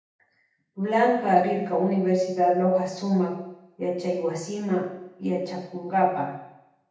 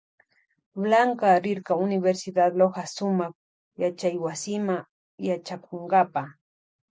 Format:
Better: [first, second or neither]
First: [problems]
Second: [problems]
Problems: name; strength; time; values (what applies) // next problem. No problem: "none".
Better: second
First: room echo; dies away in 0.8 s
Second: none